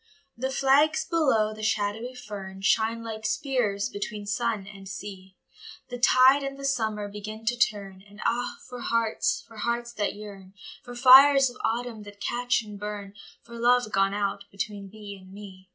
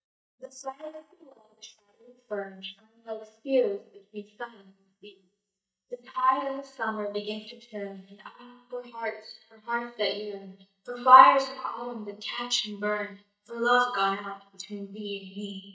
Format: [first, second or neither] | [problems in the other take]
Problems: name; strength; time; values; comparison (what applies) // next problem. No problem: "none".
first | noise reduction (neural mask model DeepFilterNet 3)